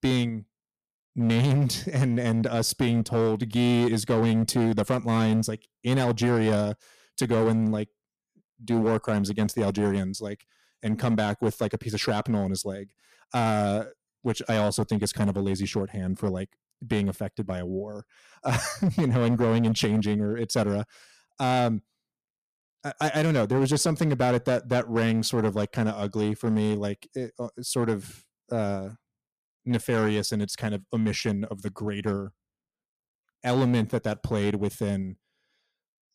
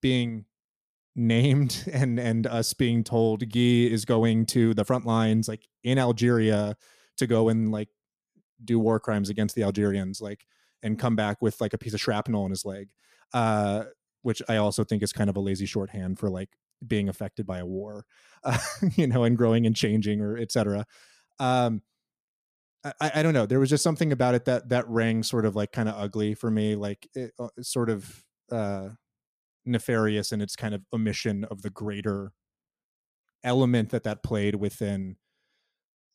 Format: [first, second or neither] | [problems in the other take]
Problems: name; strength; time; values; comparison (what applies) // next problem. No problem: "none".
second | distortion; slight; 6% of the sound clipped